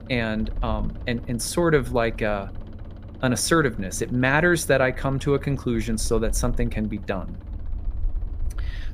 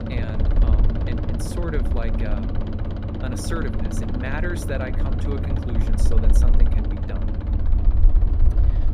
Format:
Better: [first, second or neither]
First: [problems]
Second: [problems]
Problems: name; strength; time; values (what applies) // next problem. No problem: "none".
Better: first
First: low rumble; faint; throughout; 25 dB below the speech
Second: low rumble; loud; throughout; 1 dB below the speech